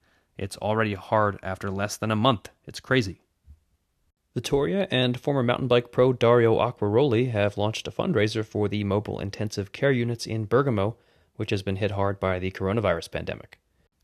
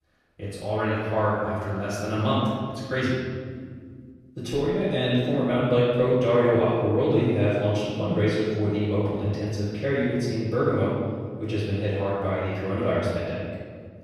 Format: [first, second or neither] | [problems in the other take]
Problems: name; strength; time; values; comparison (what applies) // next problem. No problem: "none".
first | off-mic speech; far // room echo; strong; dies away in 2 s